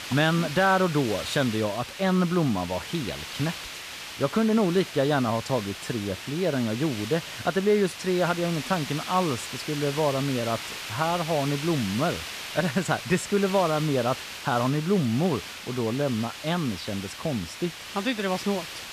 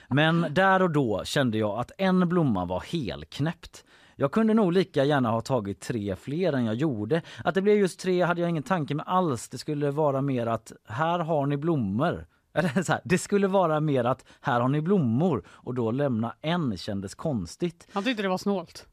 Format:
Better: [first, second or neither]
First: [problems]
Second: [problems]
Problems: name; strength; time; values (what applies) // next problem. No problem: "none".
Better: second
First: hiss; loud; throughout; 9 dB below the speech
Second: none